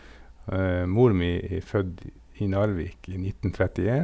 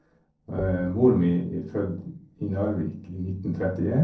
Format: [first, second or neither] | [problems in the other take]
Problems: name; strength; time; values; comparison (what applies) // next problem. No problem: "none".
first | noise reduction (neural separator model SepFormer DNS4)